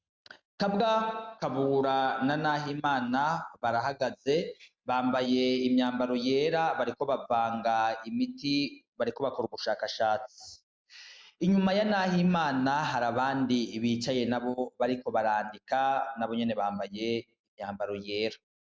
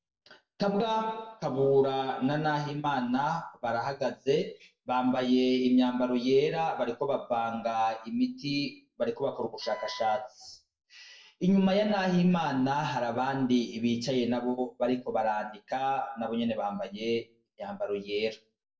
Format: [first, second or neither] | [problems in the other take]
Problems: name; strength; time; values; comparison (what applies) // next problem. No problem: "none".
first | noise reduction (neural separator model SepFormer DNS4)